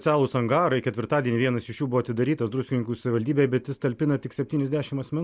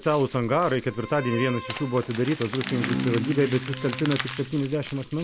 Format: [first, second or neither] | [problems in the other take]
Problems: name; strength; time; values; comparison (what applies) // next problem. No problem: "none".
first | background sound (Crumpling, crinkling + Bowed string instrument); 8 dB below the speech